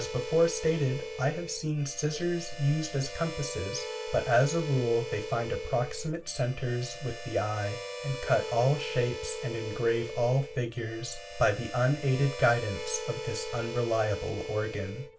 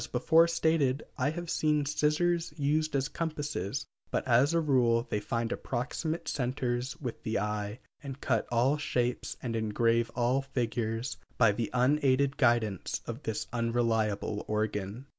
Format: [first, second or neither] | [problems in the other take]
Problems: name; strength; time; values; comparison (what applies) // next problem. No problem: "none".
second | background sound (Harmonica); 9 dB below the speech // room echo; dies away in 0.2 s